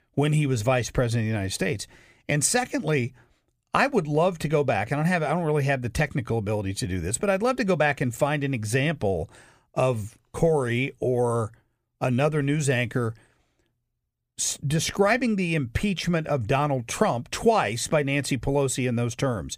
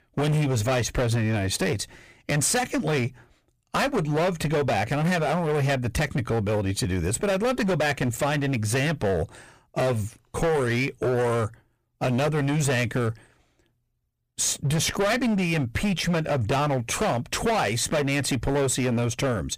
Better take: first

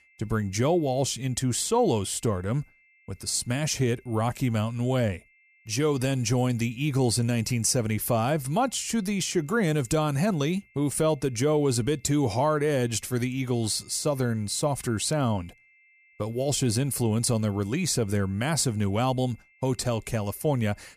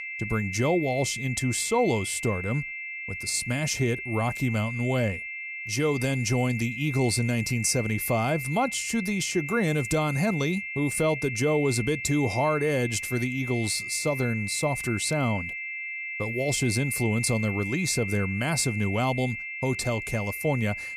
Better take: first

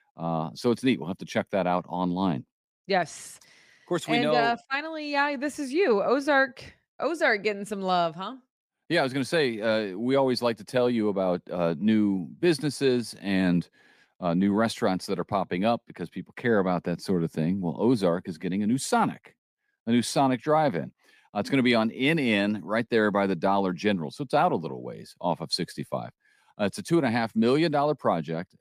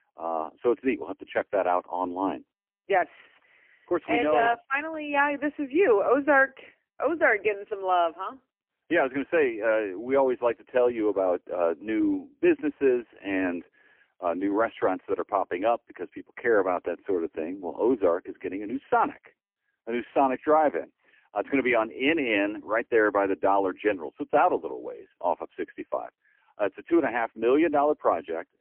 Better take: first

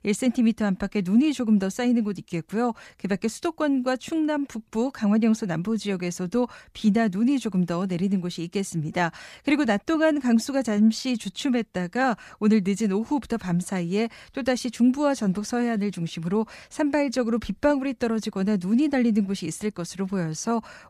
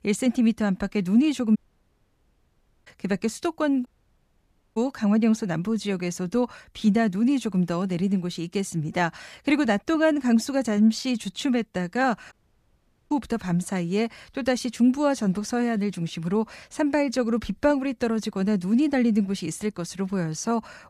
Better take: first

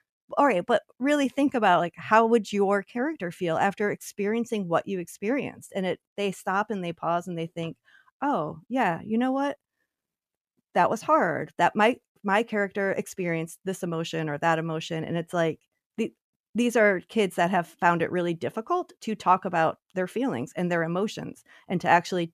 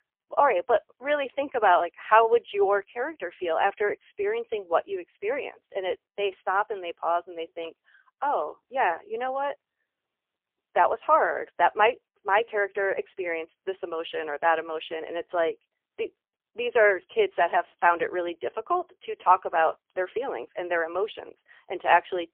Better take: first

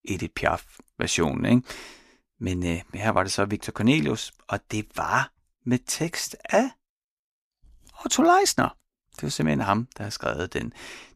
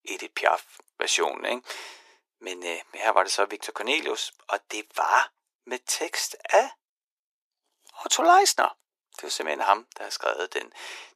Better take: first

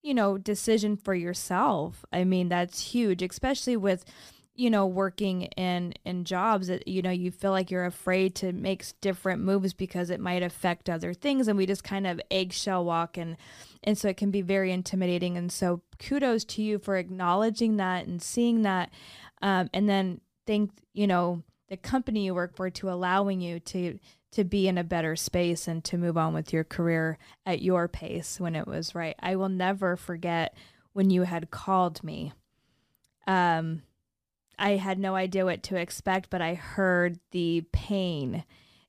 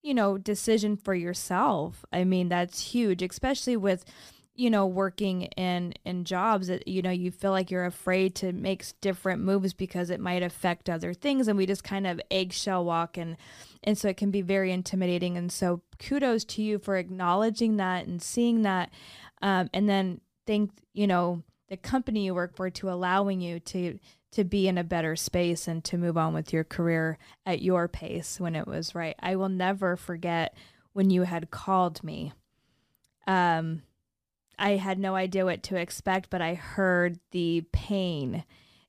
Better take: neither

